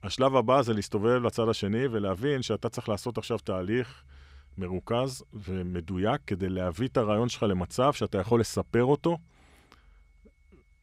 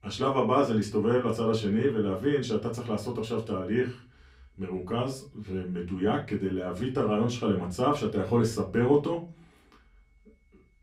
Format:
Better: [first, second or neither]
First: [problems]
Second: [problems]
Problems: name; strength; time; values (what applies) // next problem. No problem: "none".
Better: first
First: none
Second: off-mic speech; far // room echo; very slight; dies away in 0.3 s